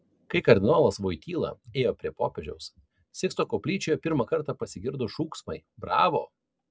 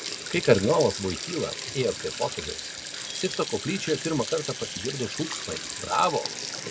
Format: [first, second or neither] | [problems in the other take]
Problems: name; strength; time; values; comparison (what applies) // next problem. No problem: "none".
first | background sound (Sink (filling or washing)); 7 dB below the speech